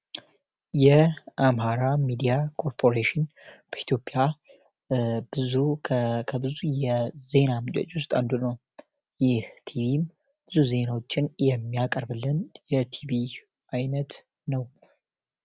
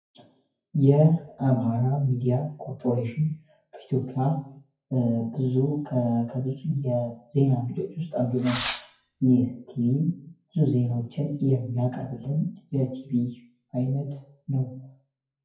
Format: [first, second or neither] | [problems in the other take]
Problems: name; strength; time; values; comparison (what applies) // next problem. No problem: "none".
first | noise reduction (classical method WPE with log-MMSE)